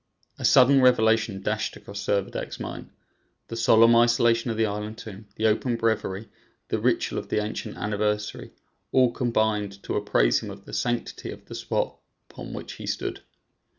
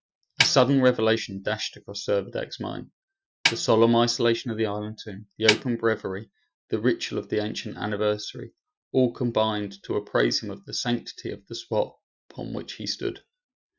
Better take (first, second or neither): first